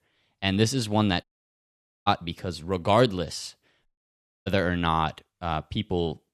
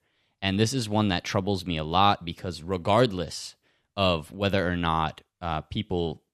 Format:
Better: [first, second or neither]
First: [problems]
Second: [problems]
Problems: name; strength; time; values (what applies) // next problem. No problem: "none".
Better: second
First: audio cutting out; at 1 s for 1 s and at 4 s for 0.5 s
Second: none